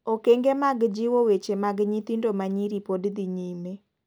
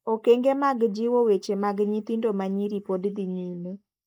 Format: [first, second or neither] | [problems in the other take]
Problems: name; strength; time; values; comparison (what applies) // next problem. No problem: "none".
first | noise reduction (neural mask model Resemble Enhance denoiser)